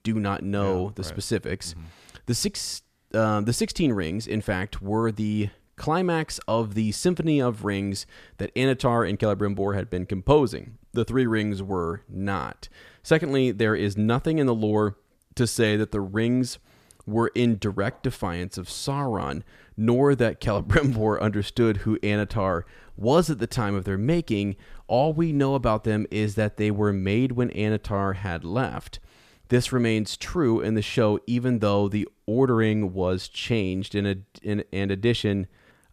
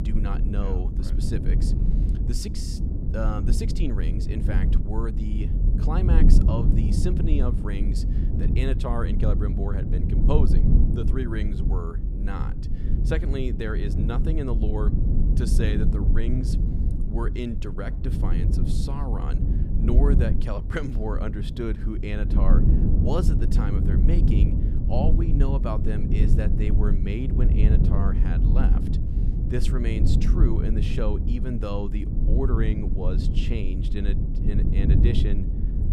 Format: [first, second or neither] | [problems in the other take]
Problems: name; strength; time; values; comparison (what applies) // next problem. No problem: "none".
first | low rumble; loud; throughout; 2 dB below the speech